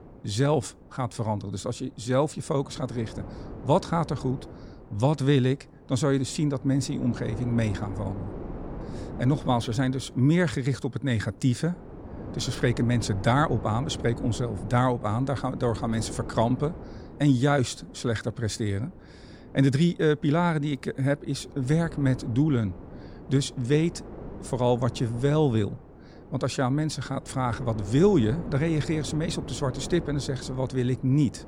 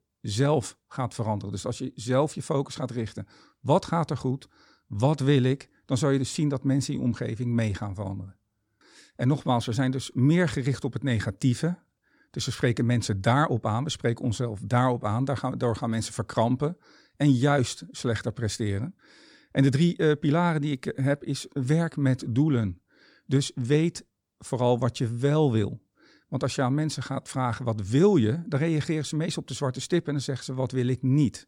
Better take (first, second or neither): second